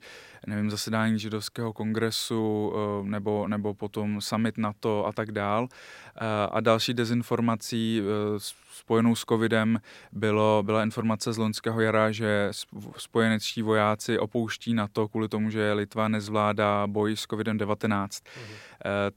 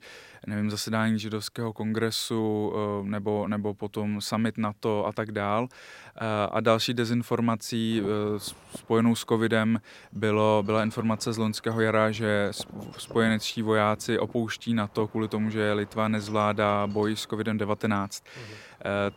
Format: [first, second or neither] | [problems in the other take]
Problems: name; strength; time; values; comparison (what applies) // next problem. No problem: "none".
first | wind noise on the microphone; occasional gusts; from 8 s on; 20 dB below the speech